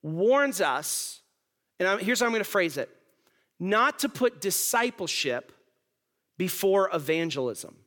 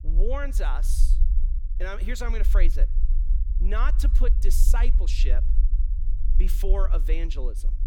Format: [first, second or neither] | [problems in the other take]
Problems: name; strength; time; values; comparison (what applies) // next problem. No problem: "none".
first | low rumble; noticeable; throughout; 15 dB below the speech